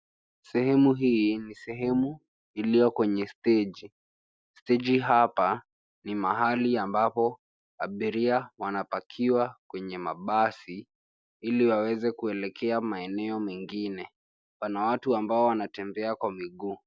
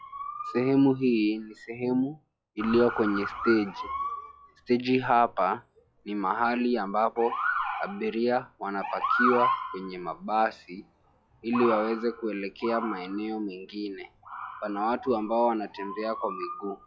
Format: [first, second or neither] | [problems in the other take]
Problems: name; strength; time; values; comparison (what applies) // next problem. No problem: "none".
first | noise reduction (classical method log-MMSE)